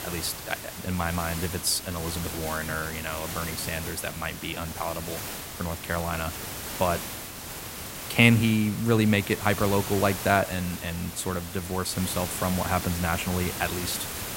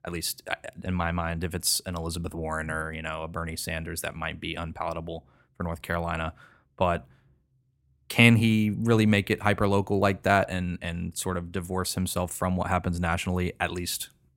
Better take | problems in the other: second | hiss; loud; throughout; 7 dB below the speech

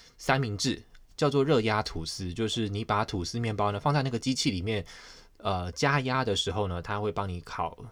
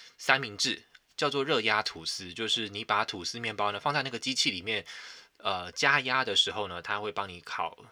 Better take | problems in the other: first | thin; somewhat; fading below 500 Hz

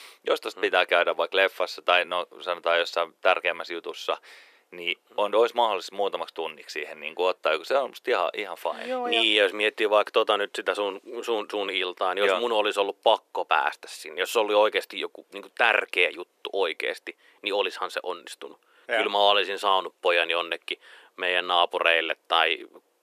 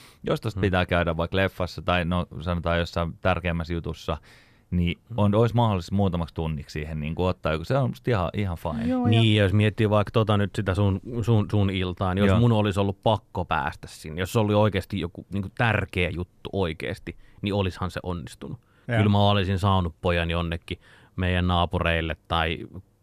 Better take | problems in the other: second | thin; very; fading below 400 Hz

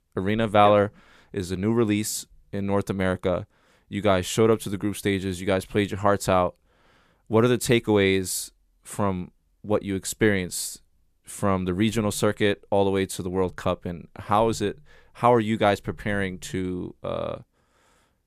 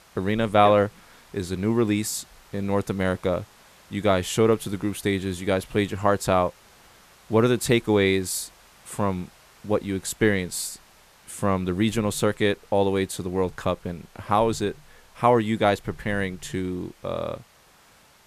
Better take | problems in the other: first | hiss; faint; throughout; 30 dB below the speech

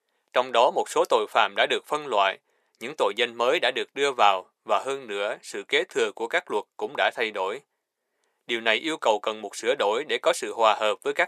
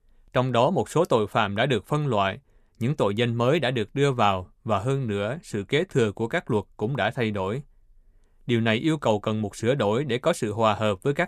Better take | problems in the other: second | thin; very; fading below 450 Hz

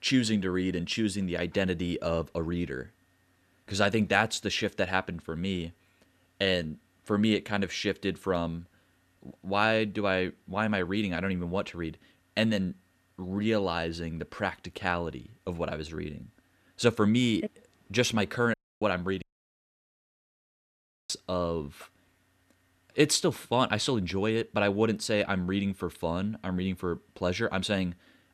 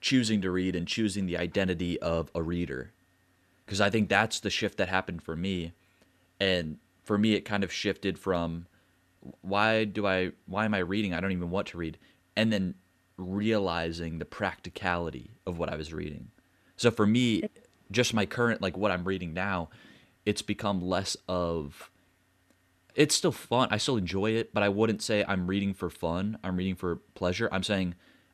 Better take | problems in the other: second | audio cutting out; at 19 s for 2 s

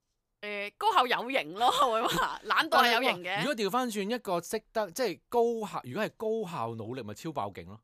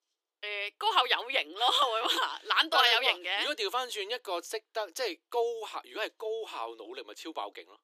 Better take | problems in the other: first | thin; very; fading below 300 Hz

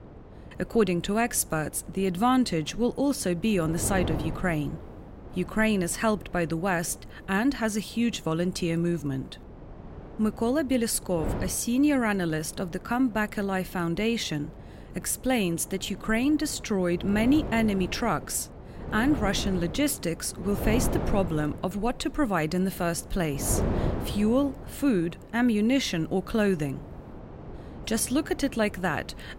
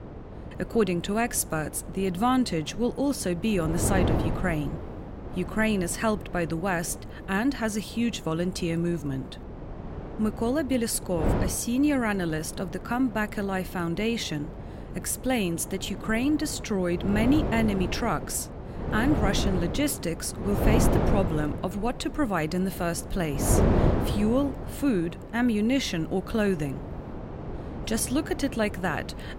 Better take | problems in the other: first | wind noise on the microphone; heavy; 7 dB below the speech; occasional gusts in the first

